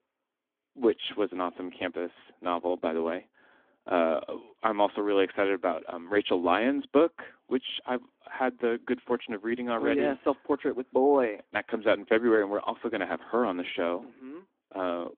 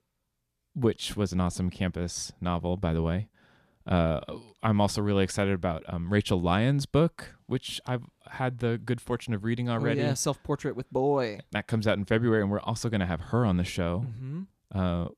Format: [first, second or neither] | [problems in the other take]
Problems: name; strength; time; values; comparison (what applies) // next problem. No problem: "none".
second | phone-call audio; nothing above 3.5 kHz